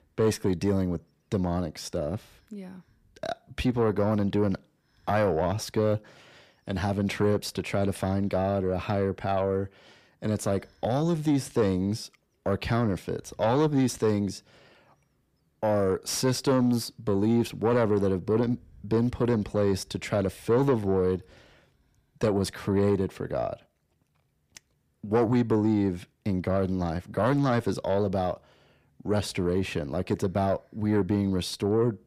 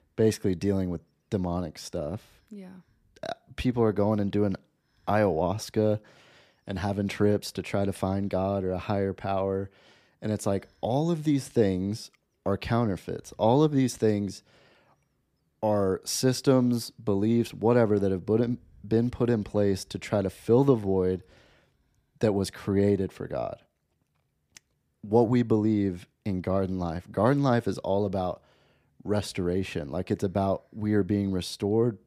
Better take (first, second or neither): second